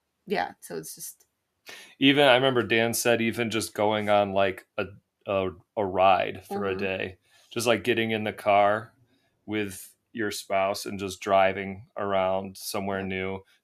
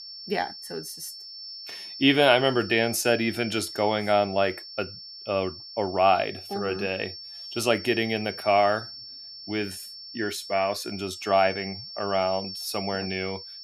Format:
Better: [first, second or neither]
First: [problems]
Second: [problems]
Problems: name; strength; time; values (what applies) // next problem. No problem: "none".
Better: first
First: none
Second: high-pitched whine; noticeable; throughout; 5.5 kHz, 10 dB below the speech